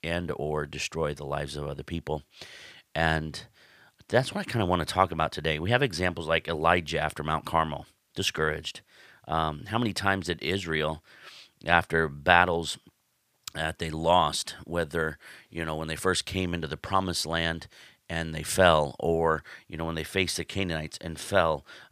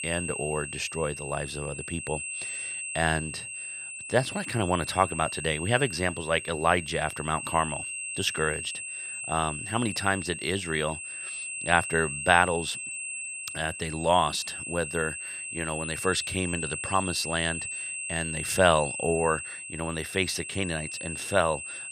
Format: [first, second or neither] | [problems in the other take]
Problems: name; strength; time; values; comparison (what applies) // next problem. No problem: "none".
first | high-pitched whine; loud; throughout; 2.5 kHz, 6 dB below the speech